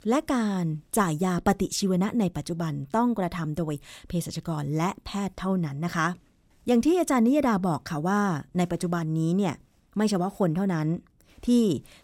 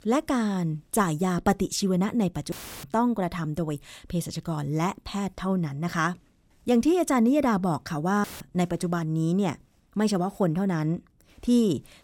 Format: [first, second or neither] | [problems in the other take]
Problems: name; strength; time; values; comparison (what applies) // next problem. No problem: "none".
first | audio cutting out; filled with static; at 2.5 s and at 8 s